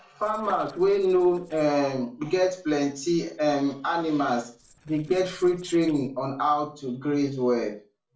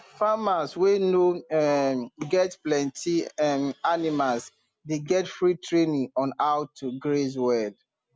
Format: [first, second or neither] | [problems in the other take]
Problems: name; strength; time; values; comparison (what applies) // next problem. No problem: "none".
second | noise reduction (neural separator model SepFormer DNS4)